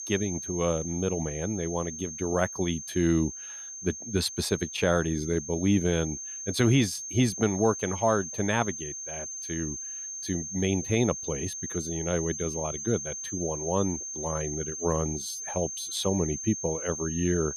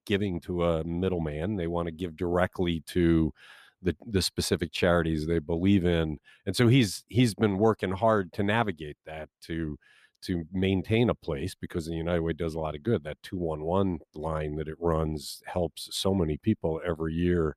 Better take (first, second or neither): second